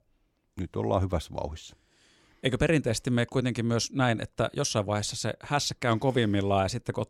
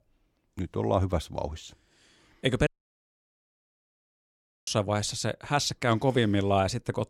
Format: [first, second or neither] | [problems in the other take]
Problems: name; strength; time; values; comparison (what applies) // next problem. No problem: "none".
first | audio cutting out; at 2.5 s for 2 s